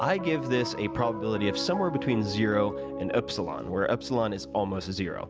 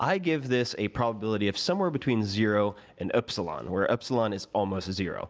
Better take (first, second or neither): second